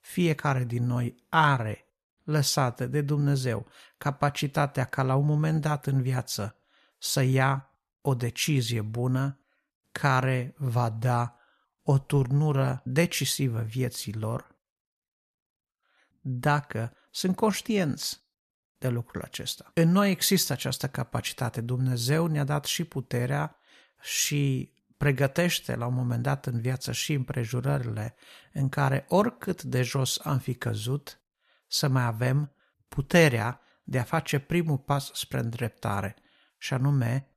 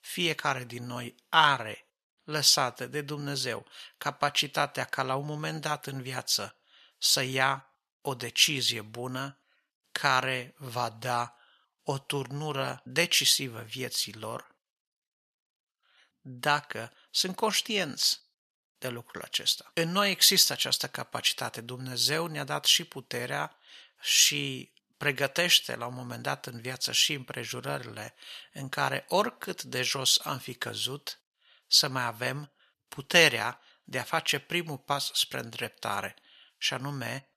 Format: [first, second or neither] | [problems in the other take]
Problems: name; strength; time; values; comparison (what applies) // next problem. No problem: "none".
first | thin; somewhat; fading below 800 Hz